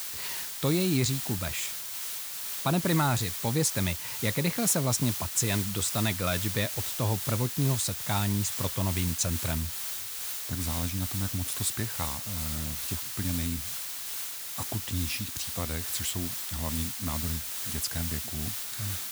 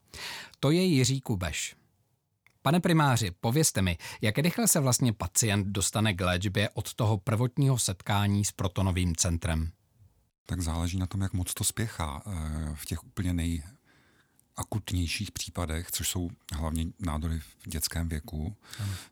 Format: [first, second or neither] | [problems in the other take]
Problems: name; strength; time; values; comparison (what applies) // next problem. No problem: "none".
second | hiss; loud; throughout; 2 dB below the speech